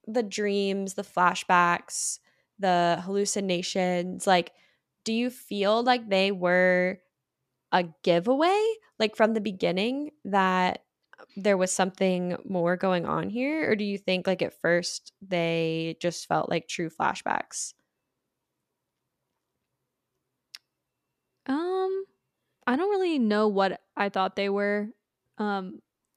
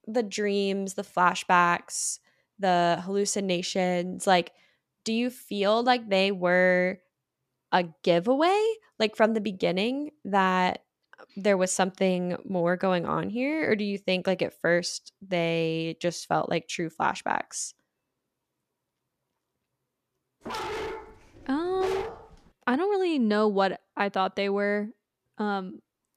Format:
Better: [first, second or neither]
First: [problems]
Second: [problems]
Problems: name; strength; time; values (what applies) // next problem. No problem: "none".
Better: first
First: none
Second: dog barking; noticeable; from 20 to 22 s; peak 6 dB below the speech